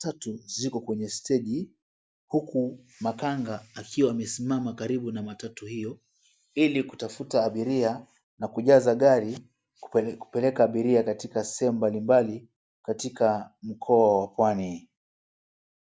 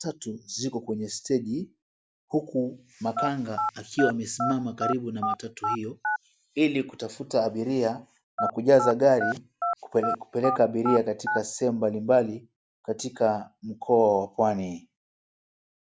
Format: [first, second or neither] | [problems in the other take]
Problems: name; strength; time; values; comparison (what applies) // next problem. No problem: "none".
first | background sound (Telephone); 3 dB below the speech